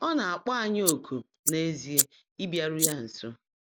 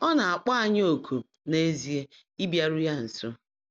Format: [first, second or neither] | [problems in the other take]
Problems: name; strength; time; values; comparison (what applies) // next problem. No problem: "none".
second | noise reduction (neural mask model Resemble Enhance denoiser)